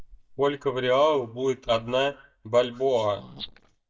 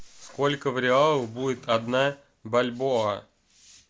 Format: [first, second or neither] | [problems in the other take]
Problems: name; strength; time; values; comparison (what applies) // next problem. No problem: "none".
second | noise reduction (neural mask model DeepFilterNet 3)